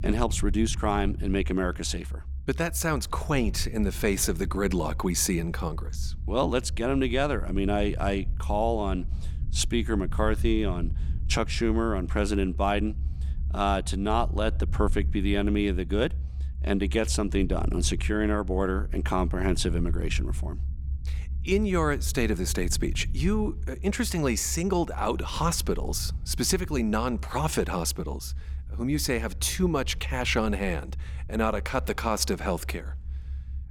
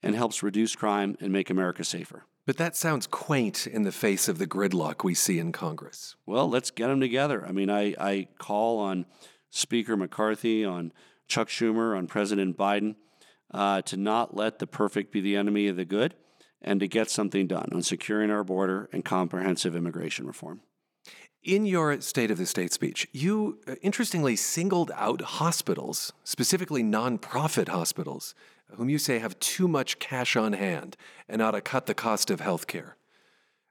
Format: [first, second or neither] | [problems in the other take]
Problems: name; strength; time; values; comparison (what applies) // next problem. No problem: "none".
second | low rumble; faint; throughout; 20 dB below the speech